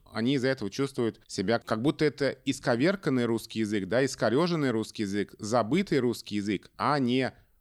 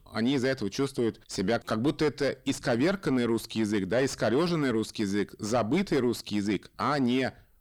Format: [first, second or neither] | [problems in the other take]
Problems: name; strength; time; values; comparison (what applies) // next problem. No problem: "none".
first | distortion; slight; 9 dB below the speech